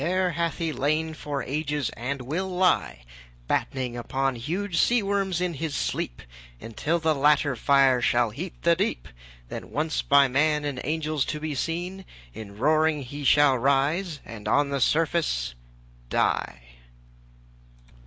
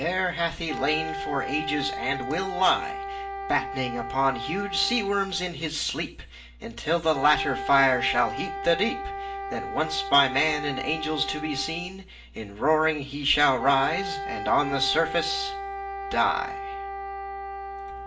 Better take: first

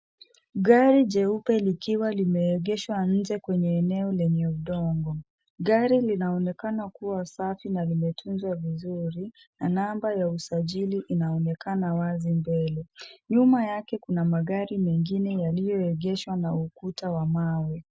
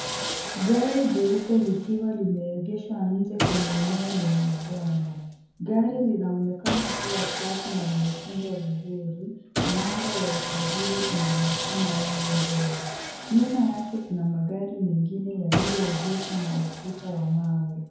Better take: first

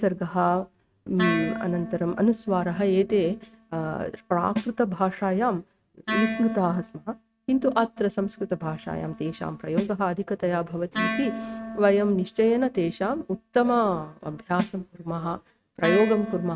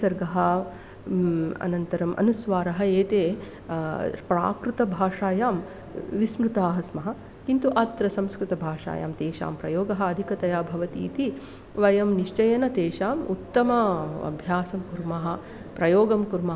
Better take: second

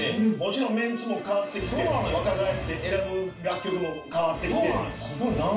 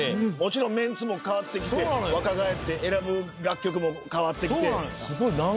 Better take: second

